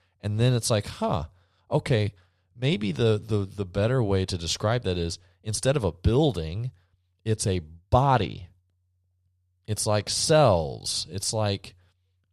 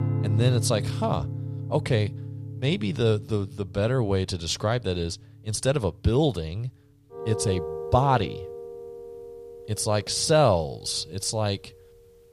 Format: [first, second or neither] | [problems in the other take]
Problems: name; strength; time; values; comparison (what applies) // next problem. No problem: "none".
first | background music; loud; throughout; 8 dB below the speech